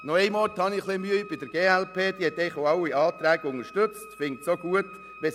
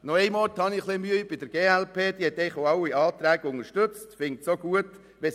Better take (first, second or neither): second